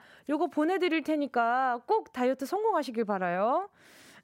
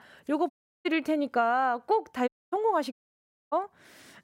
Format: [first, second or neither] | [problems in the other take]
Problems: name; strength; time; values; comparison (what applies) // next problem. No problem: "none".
first | audio cutting out; at 0.5 s, at 2.5 s and at 3 s for 0.5 s